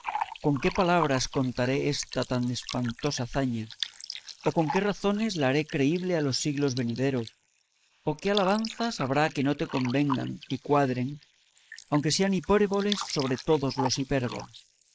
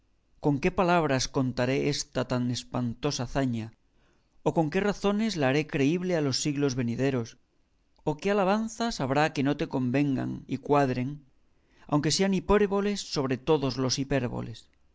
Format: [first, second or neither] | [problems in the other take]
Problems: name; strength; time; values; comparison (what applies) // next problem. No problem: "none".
second | noise reduction (neural mask model Resemble Enhance denoiser)